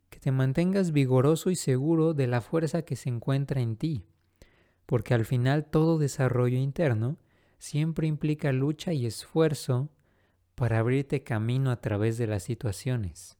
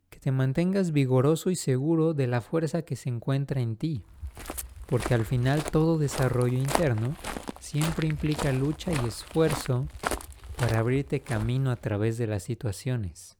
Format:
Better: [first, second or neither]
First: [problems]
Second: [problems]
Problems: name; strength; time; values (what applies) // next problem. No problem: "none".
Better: first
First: none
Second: footsteps; noticeable; from 4 to 11 s; peak 3 dB below the speech